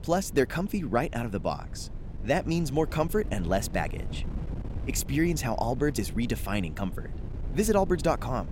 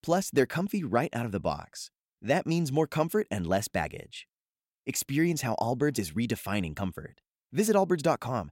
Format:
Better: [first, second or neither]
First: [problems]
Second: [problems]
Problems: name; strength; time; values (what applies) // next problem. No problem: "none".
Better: second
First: wind noise on the microphone; occasional gusts; 20 dB below the speech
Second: none